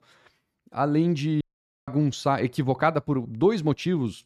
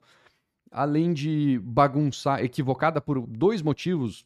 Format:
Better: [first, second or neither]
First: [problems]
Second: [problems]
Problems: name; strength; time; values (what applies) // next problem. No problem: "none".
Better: second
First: audio cutting out; at 1.5 s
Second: none